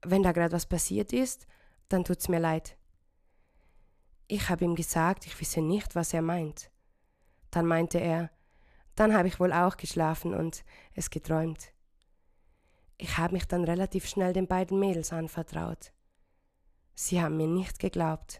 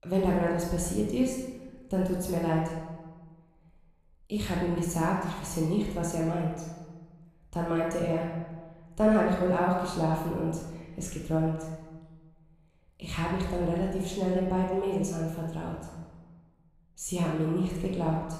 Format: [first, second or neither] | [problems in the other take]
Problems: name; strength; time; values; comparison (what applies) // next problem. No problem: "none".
first | off-mic speech; far // room echo; noticeable; dies away in 1.2 s